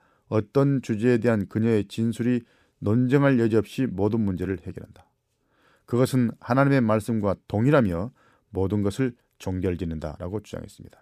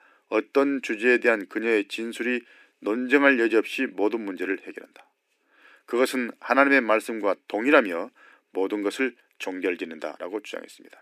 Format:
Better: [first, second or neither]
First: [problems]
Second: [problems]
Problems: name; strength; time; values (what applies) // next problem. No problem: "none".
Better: first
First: none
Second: thin; somewhat; fading below 300 Hz